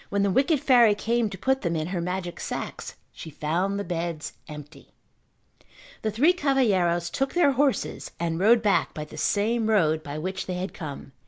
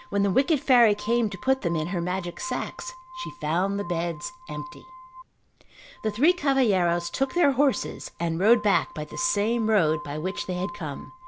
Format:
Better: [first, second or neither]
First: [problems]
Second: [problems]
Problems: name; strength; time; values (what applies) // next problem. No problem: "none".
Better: first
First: none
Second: background sound (Glass); 17 dB below the speech